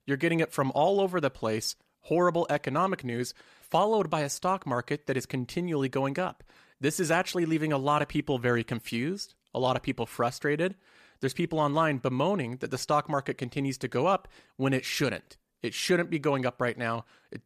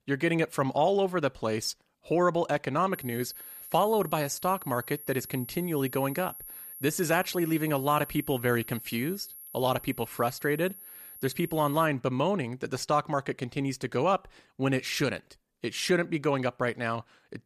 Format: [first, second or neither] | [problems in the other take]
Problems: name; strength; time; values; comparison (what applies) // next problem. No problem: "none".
first | high-pitched whine; noticeable; from 3 to 12 s; 11.5 kHz, 15 dB below the speech